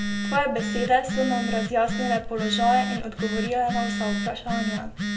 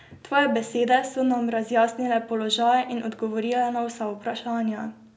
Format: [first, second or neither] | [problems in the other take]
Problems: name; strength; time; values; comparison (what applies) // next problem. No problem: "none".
second | background sound (Telephone); 3 dB below the speech // room echo; dies away in 1.4 s